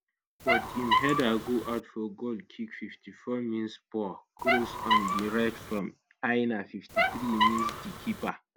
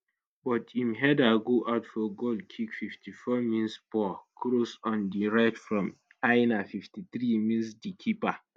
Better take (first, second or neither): second